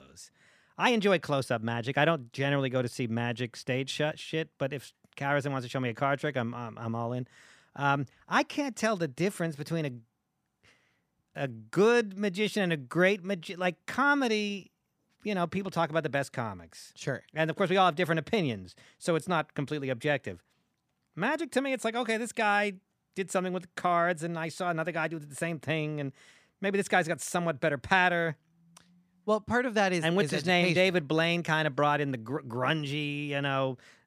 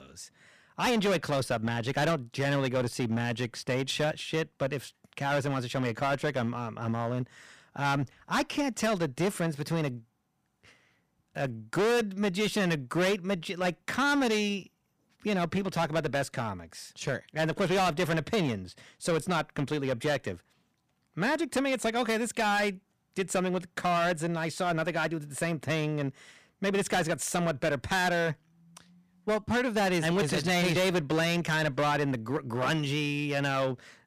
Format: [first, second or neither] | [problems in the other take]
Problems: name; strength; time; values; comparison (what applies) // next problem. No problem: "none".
first | distortion; heavy; 12% of the sound clipped